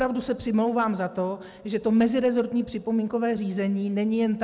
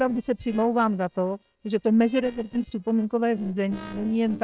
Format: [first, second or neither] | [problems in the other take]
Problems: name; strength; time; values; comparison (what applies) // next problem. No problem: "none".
first | noise reduction (neural separator model SepFormer WHAM!)